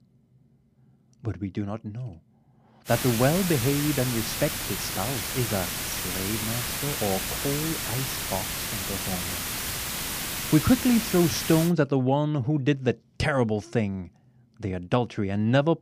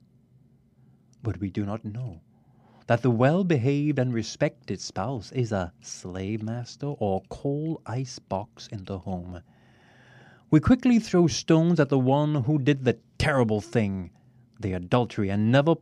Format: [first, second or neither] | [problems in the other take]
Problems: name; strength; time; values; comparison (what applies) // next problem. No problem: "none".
second | hiss; loud; from 3 to 12 s; 2 dB below the speech